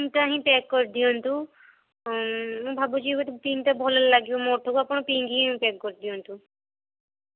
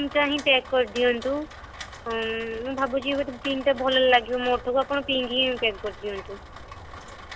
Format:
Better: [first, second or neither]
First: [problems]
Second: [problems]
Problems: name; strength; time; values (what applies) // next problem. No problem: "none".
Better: first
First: none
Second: background sound (Rain); 16 dB below the speech